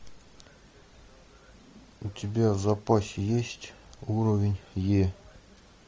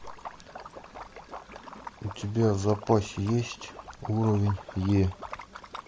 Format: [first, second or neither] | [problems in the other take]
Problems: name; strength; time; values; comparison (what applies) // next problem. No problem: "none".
first | background sound (Liquid); 15 dB below the speech